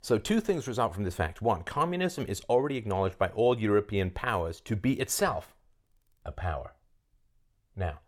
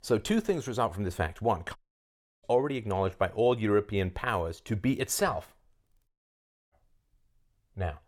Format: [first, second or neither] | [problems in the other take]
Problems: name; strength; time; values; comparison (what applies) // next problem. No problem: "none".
first | audio cutting out; at 2 s for 0.5 s and at 6 s for 0.5 s